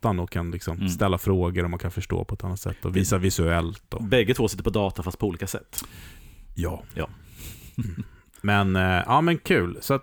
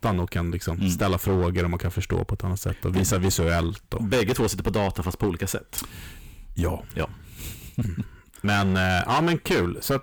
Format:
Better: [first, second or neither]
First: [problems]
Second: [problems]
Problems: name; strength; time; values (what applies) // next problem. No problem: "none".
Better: first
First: none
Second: distortion; heavy; 11% of the sound clipped